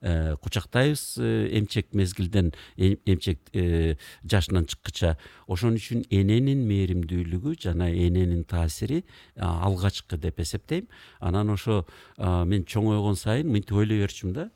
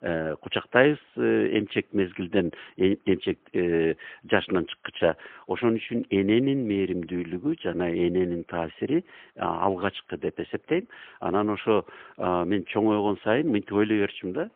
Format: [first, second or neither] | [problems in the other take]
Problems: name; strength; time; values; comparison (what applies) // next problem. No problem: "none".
first | phone-call audio; poor line; nothing above 3.5 kHz